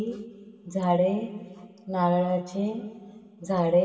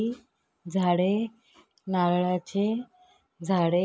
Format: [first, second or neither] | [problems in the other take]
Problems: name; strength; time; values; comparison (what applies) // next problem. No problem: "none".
second | room echo; dies away in 1.8 s